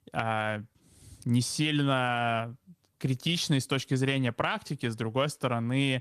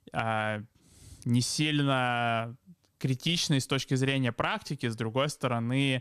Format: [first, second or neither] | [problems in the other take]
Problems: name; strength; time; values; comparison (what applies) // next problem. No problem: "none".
second | garbled, watery; slightly; nothing above 14.5 kHz